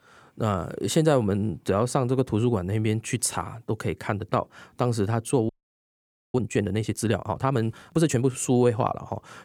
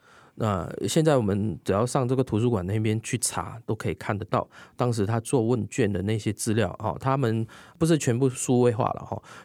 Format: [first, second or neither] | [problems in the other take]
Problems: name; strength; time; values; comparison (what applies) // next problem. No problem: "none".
second | audio freezing; at 5.5 s for 1 s